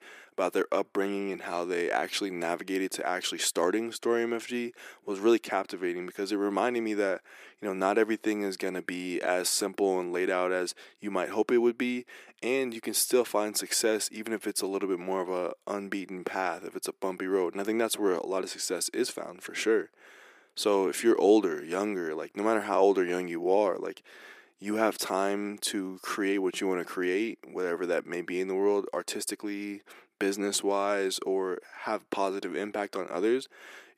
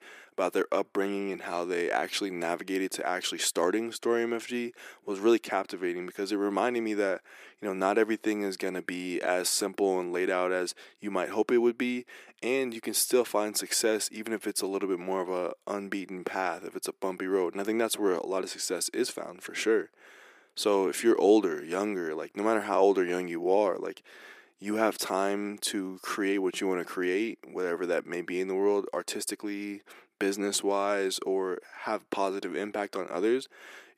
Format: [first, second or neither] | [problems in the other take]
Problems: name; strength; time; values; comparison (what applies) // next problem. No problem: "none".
neither | thin; somewhat; fading below 350 Hz; the same in both